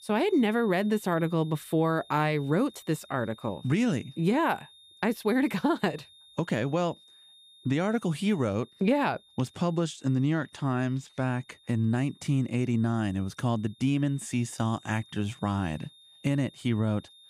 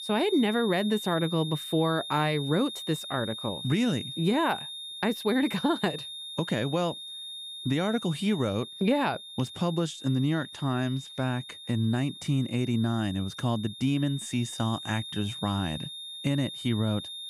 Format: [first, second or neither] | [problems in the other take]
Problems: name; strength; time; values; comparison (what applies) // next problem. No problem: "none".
first | high-pitched whine; loud; throughout; 3.5 kHz, 9 dB below the speech; faint in the first